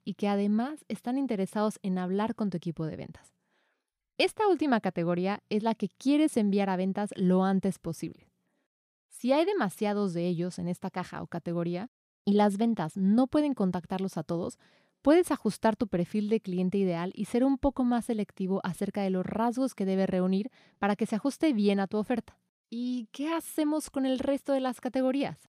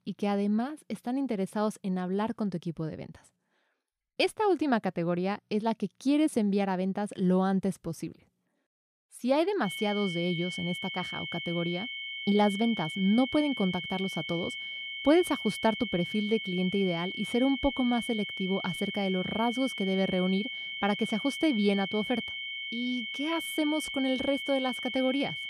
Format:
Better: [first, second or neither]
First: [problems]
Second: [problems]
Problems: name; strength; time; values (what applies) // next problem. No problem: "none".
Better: first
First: none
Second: high-pitched whine; loud; from 9.5 s on; 2 kHz, 5 dB below the speech